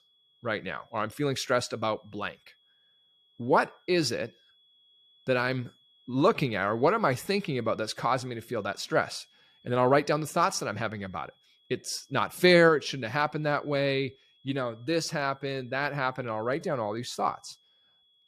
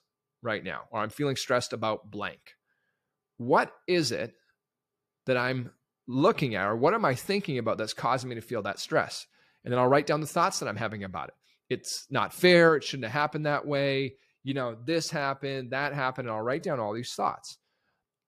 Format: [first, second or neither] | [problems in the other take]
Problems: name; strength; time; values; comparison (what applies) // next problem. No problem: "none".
second | high-pitched whine; faint; throughout; 3.5 kHz, 35 dB below the speech